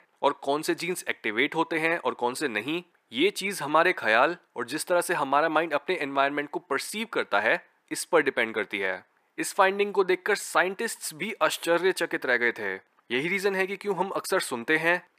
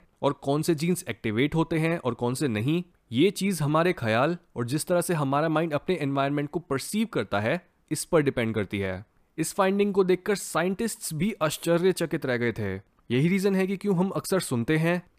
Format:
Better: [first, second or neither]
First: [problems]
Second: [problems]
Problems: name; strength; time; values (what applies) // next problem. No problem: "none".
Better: second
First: thin; somewhat; fading below 400 Hz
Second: none